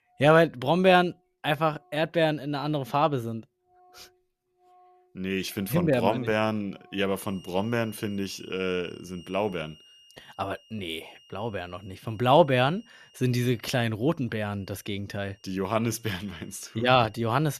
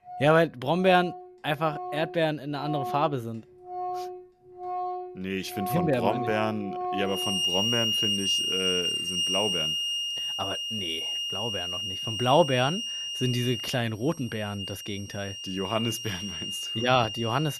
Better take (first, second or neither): first